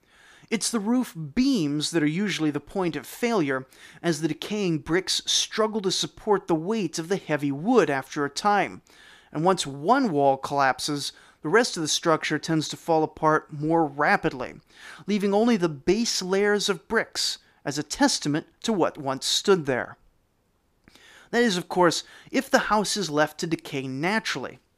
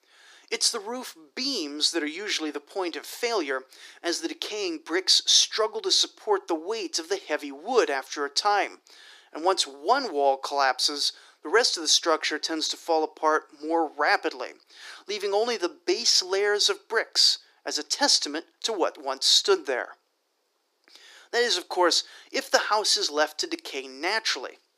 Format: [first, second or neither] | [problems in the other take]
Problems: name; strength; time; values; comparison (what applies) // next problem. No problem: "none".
first | thin; somewhat; fading below 350 Hz